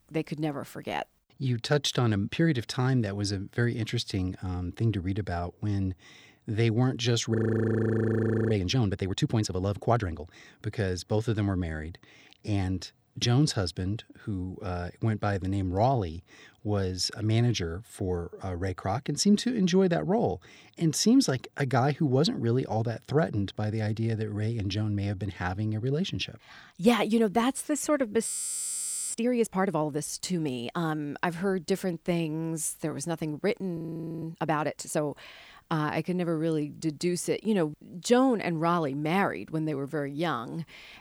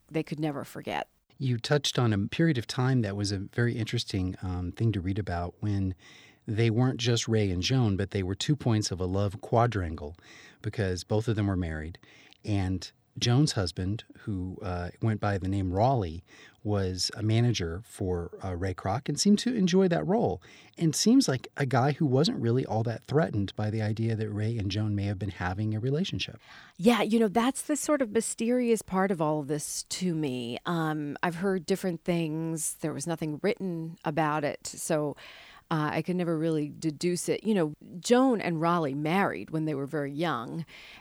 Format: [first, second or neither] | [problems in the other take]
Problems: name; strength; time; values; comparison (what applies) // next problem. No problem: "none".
second | audio freezing; at 7.5 s for 1 s, at 28 s for 1 s and at 34 s